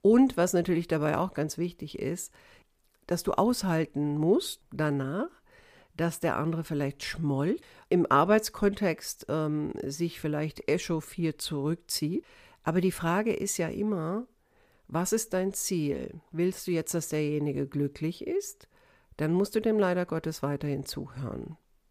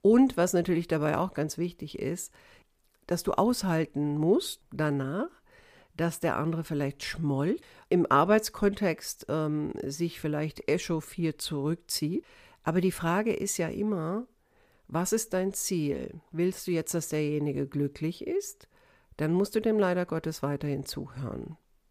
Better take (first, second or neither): neither